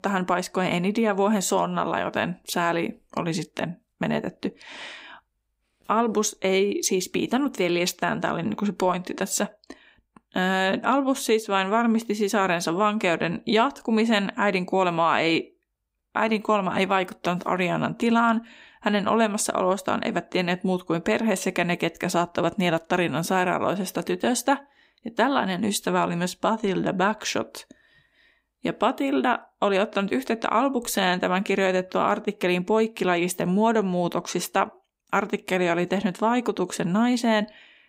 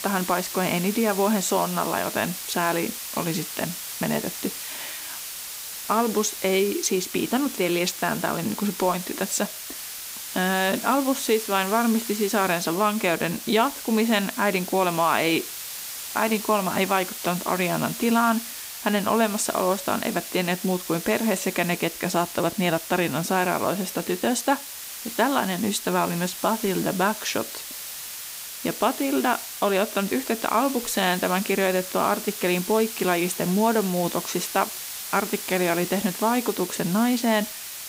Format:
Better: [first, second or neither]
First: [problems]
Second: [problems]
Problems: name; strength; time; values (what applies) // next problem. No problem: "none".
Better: first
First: none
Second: hiss; loud; throughout; 8 dB below the speech